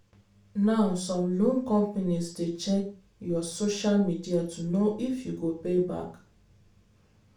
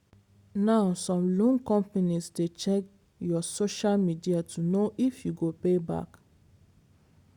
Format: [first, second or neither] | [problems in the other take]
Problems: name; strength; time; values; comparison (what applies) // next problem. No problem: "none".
second | room echo; dies away in 0.3 s